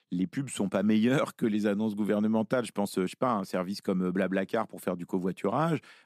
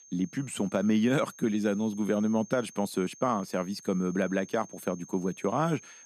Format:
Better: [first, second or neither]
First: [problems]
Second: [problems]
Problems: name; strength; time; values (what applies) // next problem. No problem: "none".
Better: first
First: none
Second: high-pitched whine; faint; throughout; 6.5 kHz, 20 dB below the speech